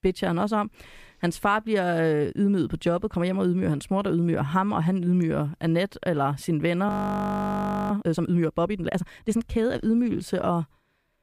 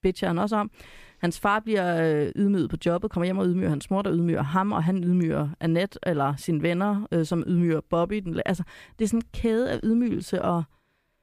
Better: second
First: audio freezing; at 7 s for 1 s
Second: none

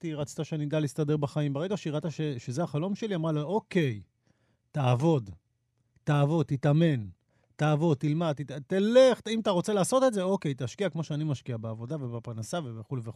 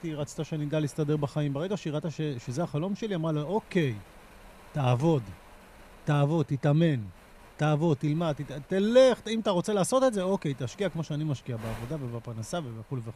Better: first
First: none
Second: wind noise on the microphone; occasional gusts; 20 dB below the speech

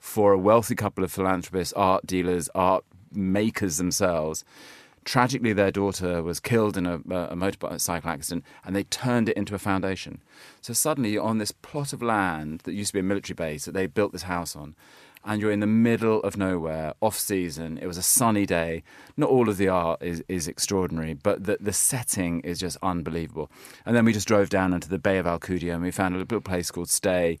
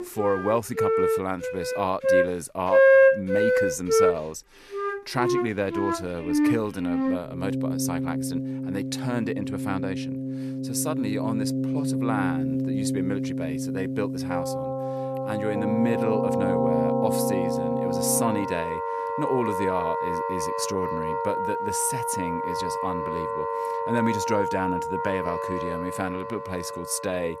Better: first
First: none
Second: background music; very loud; throughout; 4 dB above the speech

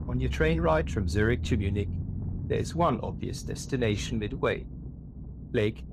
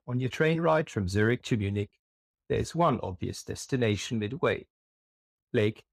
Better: second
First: low rumble; noticeable; throughout; 15 dB below the speech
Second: none

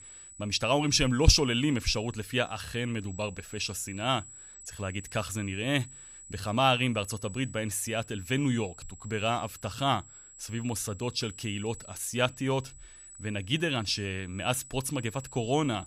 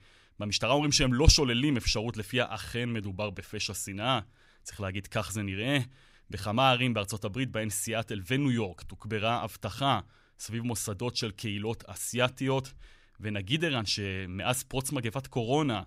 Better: second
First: high-pitched whine; noticeable; throughout; 8 kHz, 15 dB below the speech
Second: none

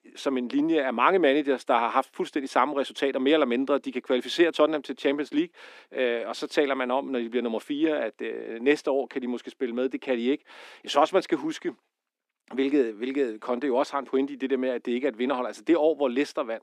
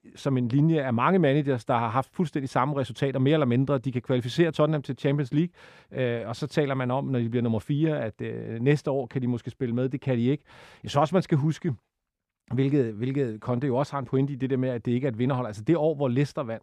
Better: second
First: thin; very slightly; fading below 250 Hz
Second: none

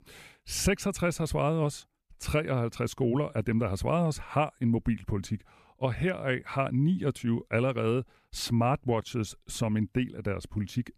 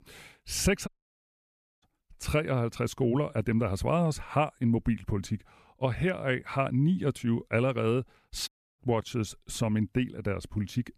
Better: first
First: none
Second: audio cutting out; at 1 s for 1 s and at 8.5 s

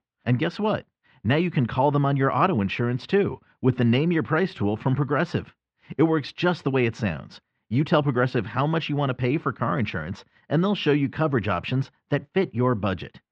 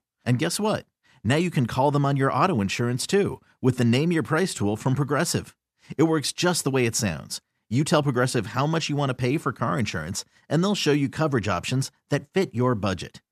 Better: second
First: muffled; very; fading above 3.5 kHz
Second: none

